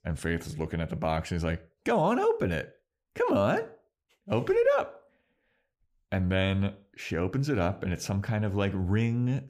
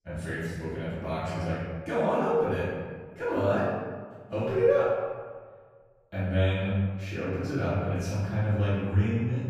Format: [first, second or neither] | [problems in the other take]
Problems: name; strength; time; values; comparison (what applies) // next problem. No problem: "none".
first | off-mic speech; far // room echo; strong; dies away in 1.4 s